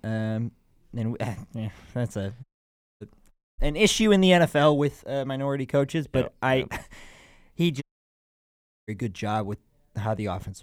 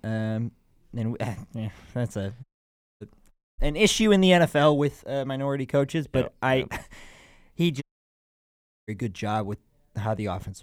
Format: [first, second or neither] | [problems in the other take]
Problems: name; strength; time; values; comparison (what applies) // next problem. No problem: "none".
neither | audio cutting out; at 2.5 s for 0.5 s, at 3.5 s and at 8 s for 1 s; the same in both